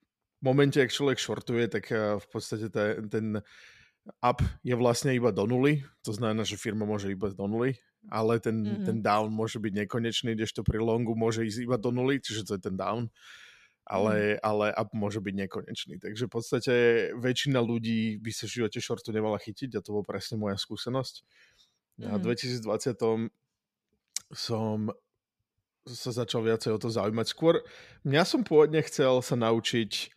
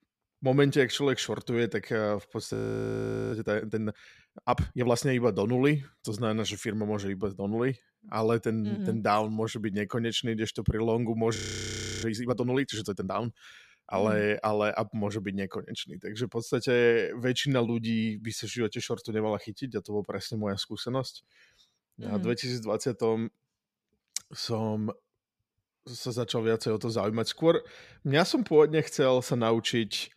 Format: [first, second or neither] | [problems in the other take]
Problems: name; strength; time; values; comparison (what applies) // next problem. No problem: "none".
first | audio freezing; at 2.5 s for 1 s and at 11 s for 0.5 s